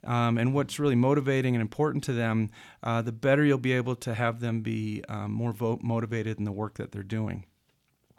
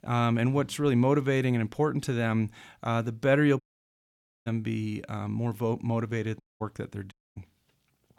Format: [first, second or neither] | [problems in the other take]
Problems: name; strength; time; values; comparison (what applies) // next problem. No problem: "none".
first | audio cutting out; at 3.5 s for 1 s, at 6.5 s and at 7 s